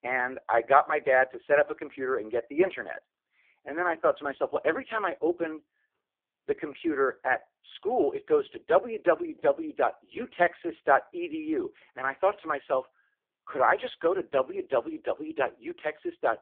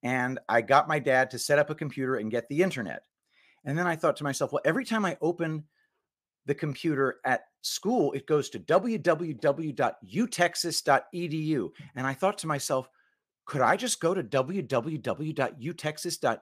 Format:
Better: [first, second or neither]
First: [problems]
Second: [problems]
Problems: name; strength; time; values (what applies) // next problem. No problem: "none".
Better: second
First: phone-call audio; poor line; nothing above 3.5 kHz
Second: none